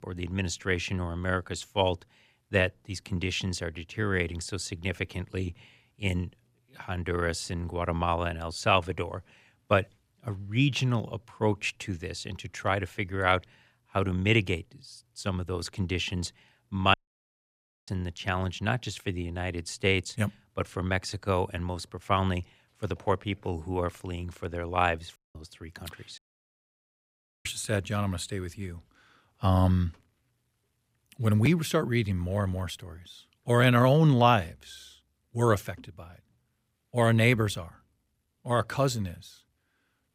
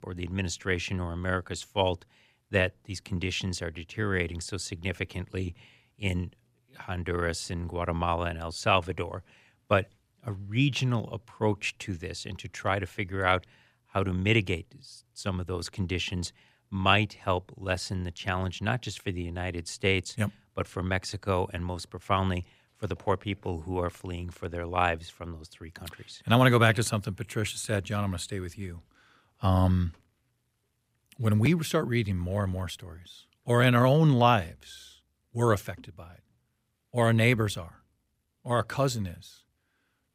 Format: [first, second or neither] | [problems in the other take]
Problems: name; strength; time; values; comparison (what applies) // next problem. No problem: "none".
second | audio cutting out; at 17 s for 1 s, at 25 s and at 26 s for 1.5 s